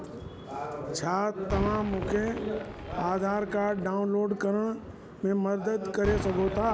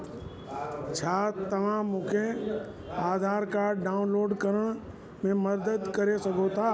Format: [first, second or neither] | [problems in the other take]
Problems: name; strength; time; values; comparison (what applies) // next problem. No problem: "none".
second | background sound (Cheering / Fireworks); 10 dB below the speech